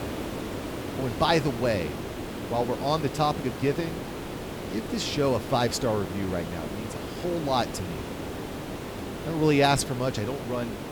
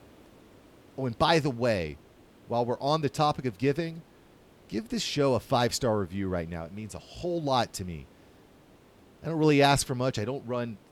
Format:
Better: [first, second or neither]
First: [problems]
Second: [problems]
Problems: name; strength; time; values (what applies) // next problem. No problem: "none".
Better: second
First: hiss; loud; throughout; 7 dB below the speech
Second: hiss; faint; throughout; 30 dB below the speech